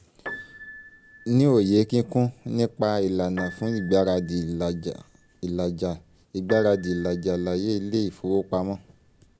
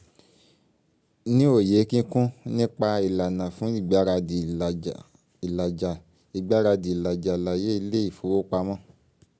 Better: second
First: background sound (Piano); 19 dB below the speech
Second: none

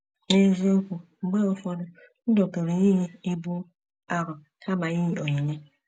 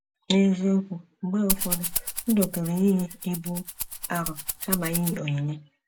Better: first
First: none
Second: background sound (Rattle (instrument)); 5 dB below the speech

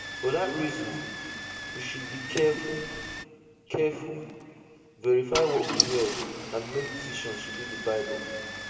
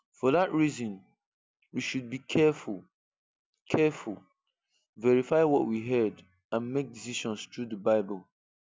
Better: second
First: background sound (Engine starting / Car); 5 dB below the speech // room echo; dies away in 2.3 s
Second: none

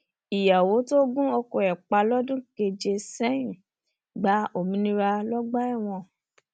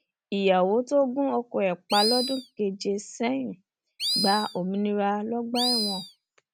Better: first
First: none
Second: background sound (Animal); 3 dB below the speech

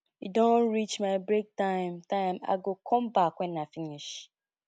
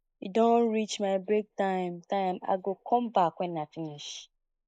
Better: first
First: none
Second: noise reduction (neural mask model Resemble Enhance denoiser)

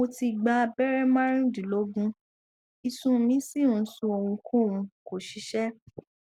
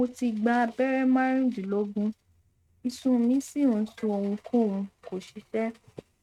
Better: first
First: none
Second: noise reduction (neural mask model RNNoise)

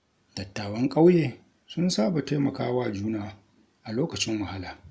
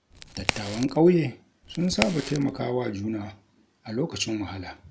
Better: first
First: none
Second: background sound (Crack); 7 dB below the speech

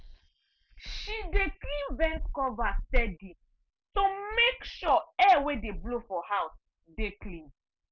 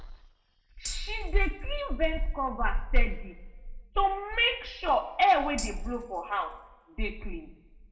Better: first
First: none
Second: background sound (Tambourine); 17 dB below the speech // room echo; dies away in 0.7 s

